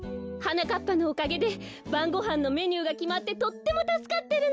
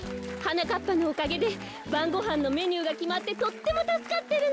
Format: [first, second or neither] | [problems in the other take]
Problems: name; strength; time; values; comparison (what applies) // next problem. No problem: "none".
first | background sound (Applause); 17 dB below the speech